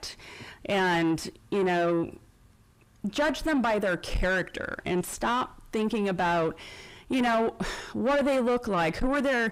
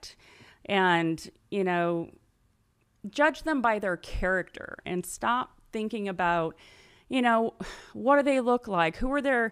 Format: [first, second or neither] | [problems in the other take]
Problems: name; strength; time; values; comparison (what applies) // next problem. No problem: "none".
second | distortion; heavy; 5 dB below the speech